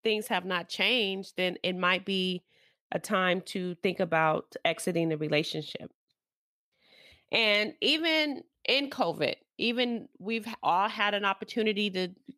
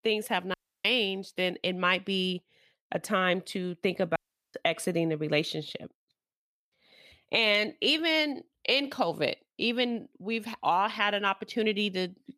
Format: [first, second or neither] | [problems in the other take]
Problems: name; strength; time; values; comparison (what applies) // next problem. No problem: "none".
first | audio cutting out; at 0.5 s and at 4 s